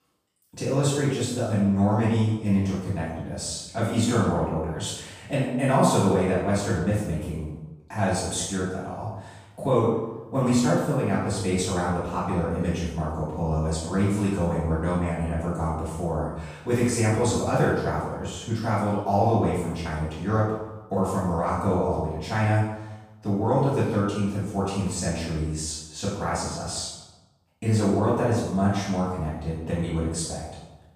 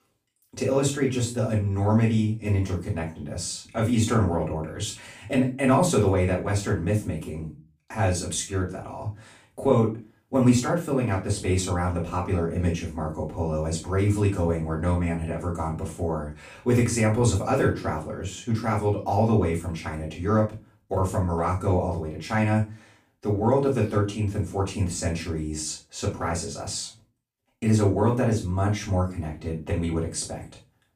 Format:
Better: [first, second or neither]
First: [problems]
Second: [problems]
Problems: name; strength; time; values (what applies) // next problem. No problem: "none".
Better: second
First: room echo; strong; dies away in 0.9 s // off-mic speech; far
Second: room echo; slight; dies away in 0.3 s // off-mic speech; far